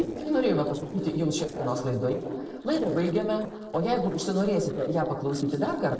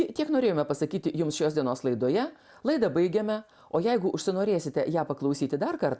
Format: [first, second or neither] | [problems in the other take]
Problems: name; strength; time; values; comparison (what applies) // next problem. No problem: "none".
second | noise reduction (neural separator model SepFormer DNS4)